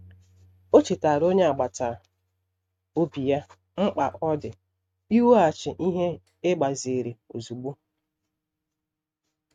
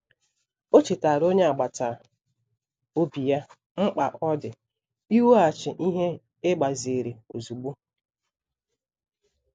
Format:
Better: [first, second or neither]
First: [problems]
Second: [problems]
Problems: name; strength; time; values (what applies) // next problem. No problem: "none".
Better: second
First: noise reduction (neural mask model RNNoise)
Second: none